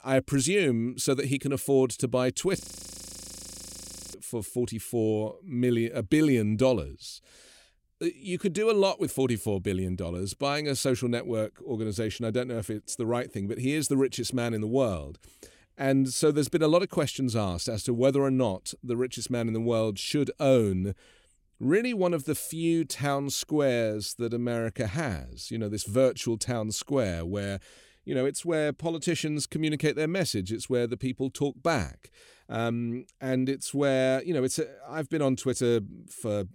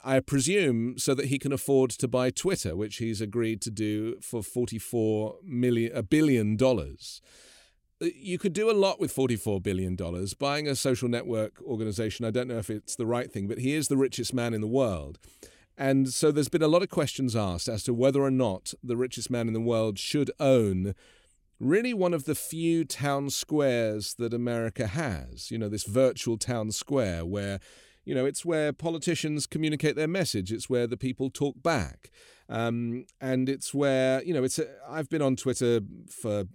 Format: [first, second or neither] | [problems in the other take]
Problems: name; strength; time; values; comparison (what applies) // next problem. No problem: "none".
second | audio freezing; at 2.5 s for 1.5 s